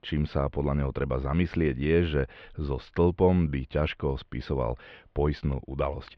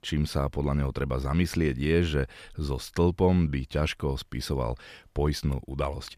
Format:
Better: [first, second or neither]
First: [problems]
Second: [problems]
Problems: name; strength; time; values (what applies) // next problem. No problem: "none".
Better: second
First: muffled; very; fading above 3.5 kHz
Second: none